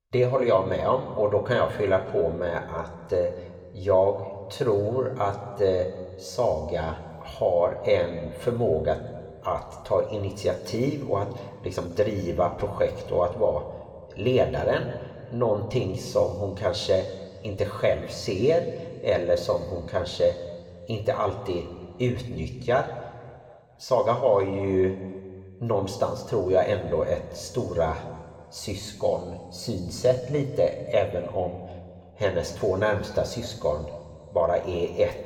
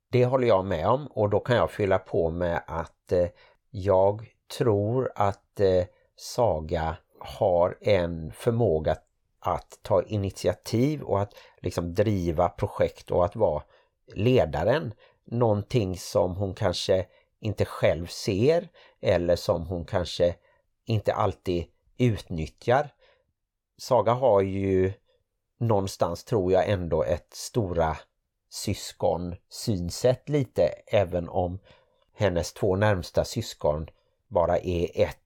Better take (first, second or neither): second